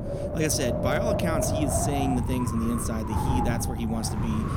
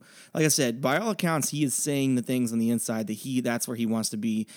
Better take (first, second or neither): second